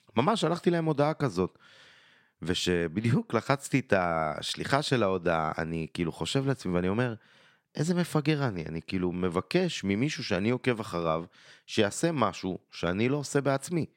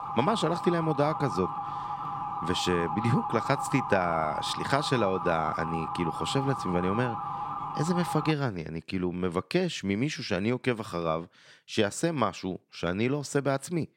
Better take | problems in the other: first | siren; noticeable; until 8.5 s; peak 3 dB below the speech

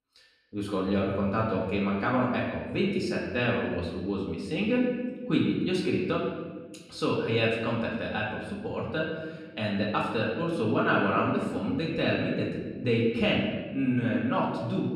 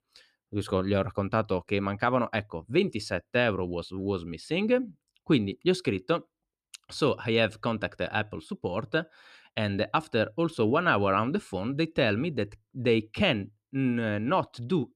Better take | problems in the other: second | room echo; noticeable; dies away in 1.2 s // off-mic speech; far

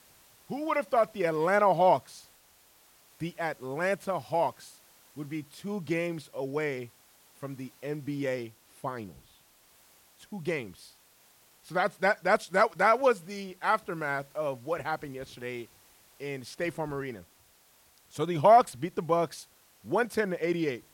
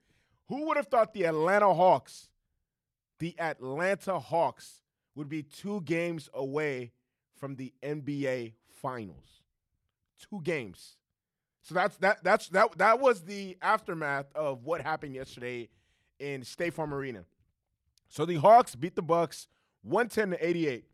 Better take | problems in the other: second | hiss; faint; throughout; 30 dB below the speech

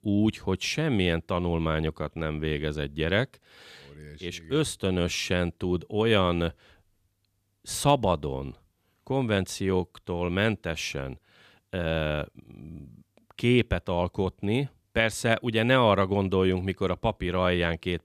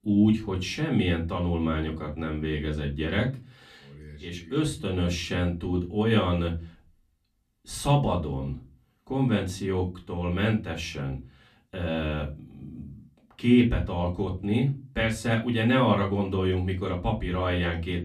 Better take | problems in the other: first | off-mic speech; far // room echo; very slight; dies away in 0.3 s

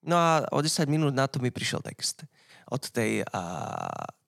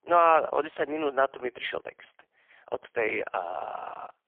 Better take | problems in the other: first | phone-call audio; poor line; nothing above 3.5 kHz

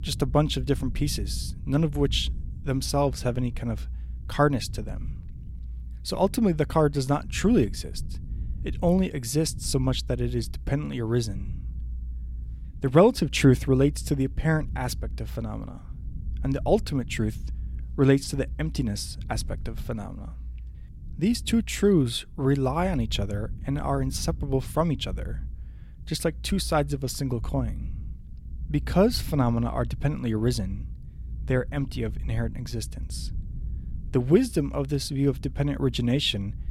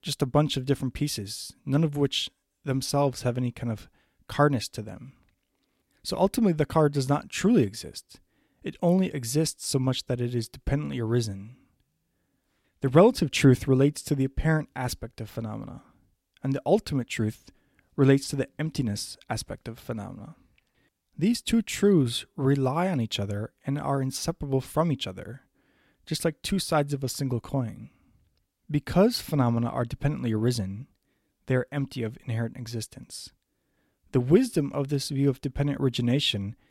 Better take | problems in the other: second | low rumble; faint; throughout; 25 dB below the speech

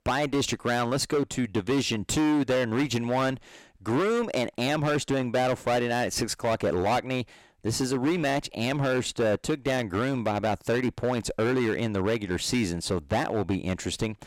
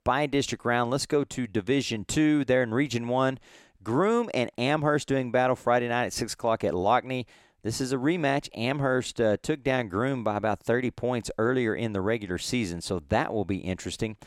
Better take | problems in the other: second | distortion; heavy; 15% of the sound clipped

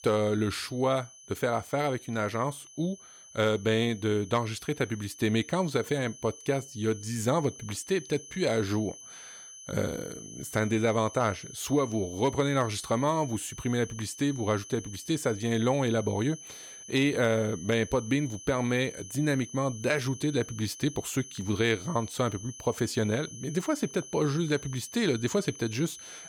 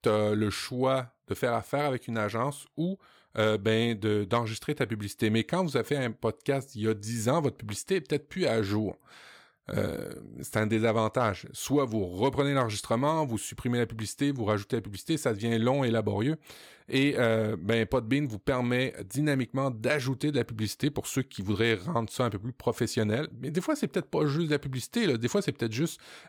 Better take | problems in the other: second | high-pitched whine; noticeable; throughout; 6 kHz, 15 dB below the speech

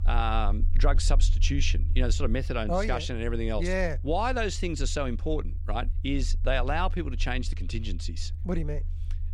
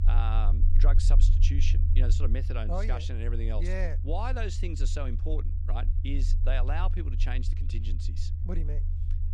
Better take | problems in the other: first | low rumble; loud; throughout; 9 dB below the speech; faint in the first

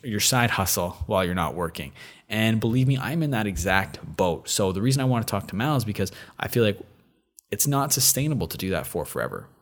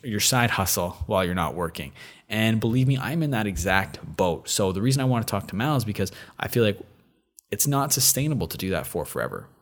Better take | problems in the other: neither | none

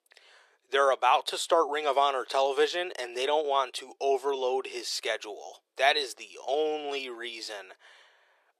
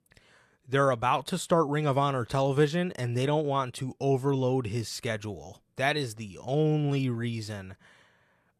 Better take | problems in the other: second | thin; very; fading below 350 Hz

